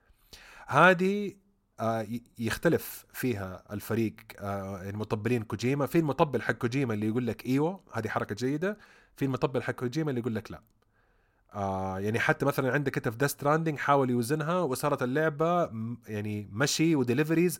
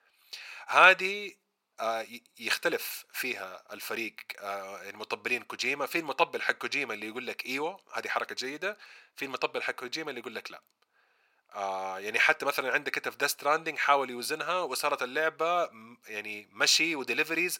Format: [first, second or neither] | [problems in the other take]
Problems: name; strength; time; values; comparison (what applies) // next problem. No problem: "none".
first | thin; very; fading below 600 Hz